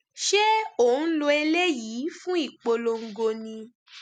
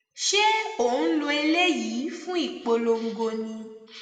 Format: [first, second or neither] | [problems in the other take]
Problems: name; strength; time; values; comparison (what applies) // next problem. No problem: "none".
first | room echo; dies away in 1.4 s